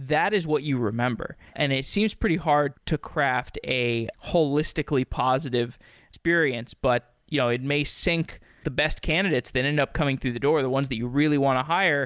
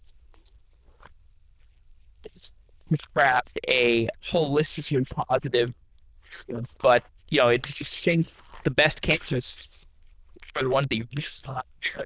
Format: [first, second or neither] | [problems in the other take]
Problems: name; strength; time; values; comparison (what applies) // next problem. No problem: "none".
first | noise reduction (neural diffusion model UNIVERSE++)